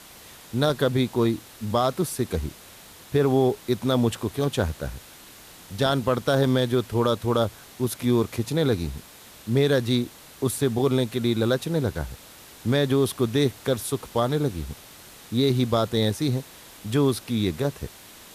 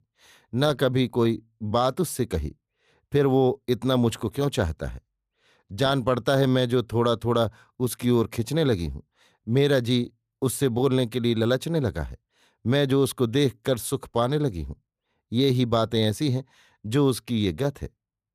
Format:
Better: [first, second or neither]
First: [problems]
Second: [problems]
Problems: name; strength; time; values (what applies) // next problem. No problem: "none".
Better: second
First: hiss; noticeable; throughout; 20 dB below the speech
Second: none